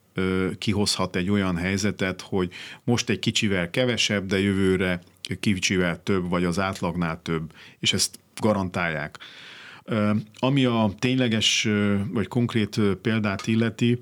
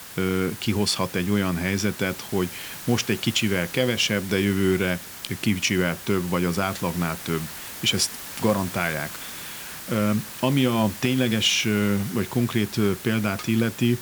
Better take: first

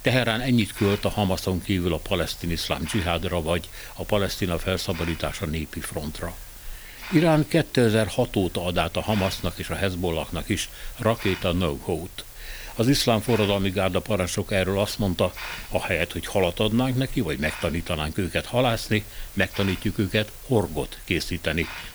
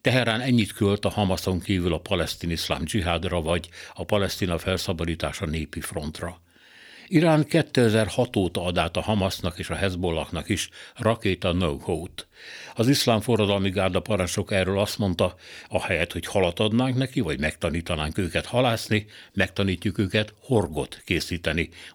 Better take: second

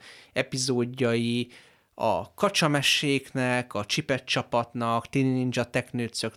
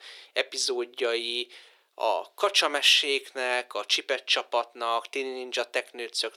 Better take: first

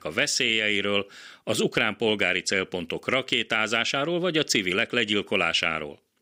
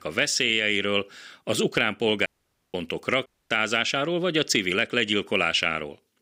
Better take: first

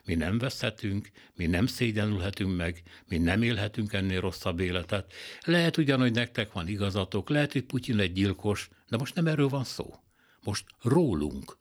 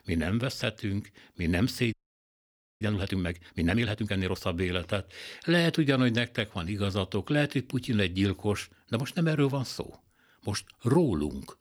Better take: first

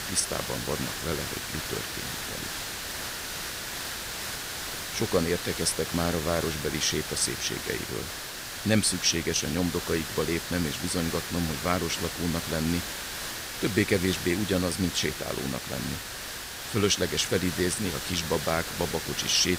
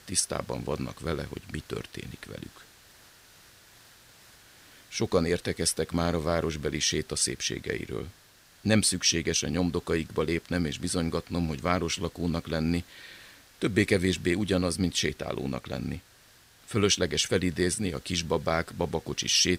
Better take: second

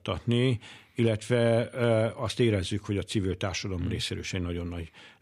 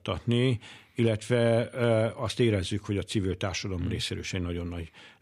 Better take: neither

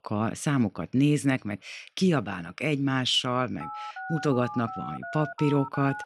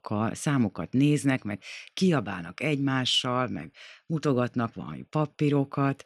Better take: second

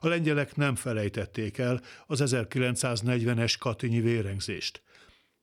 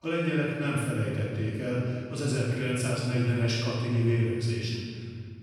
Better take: first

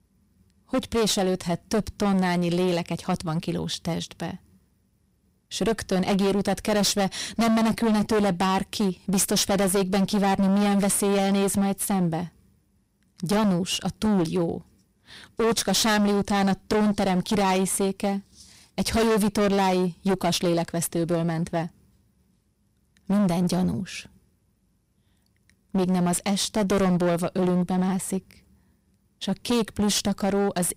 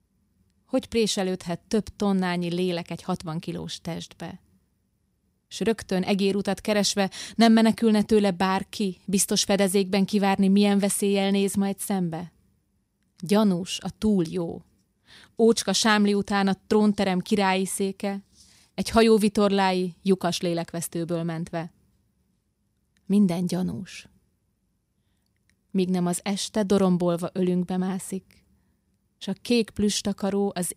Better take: second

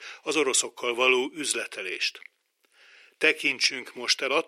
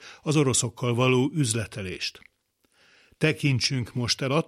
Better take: second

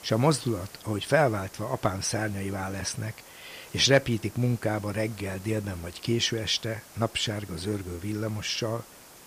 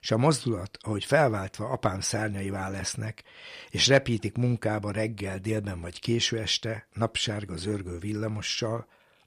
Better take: second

